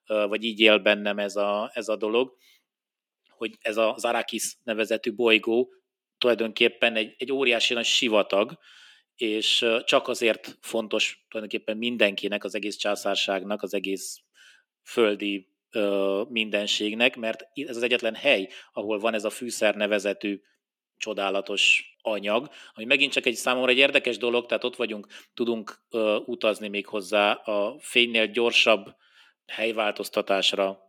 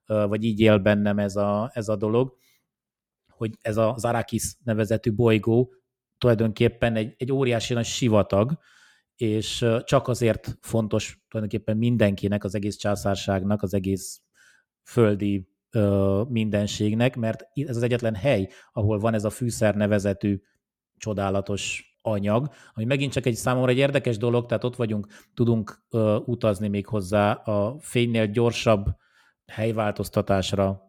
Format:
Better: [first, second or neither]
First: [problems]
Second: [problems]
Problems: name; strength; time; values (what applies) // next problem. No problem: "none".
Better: second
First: thin; somewhat; fading below 250 Hz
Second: none